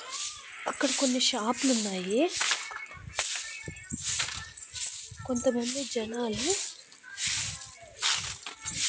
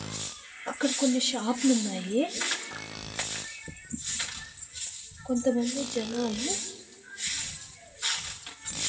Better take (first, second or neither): first